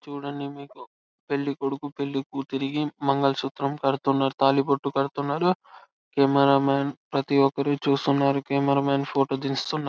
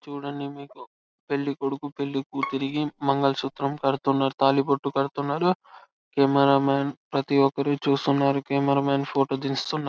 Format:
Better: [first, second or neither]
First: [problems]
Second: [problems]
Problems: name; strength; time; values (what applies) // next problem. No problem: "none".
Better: first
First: none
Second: background sound (Bowed string instrument); 15 dB below the speech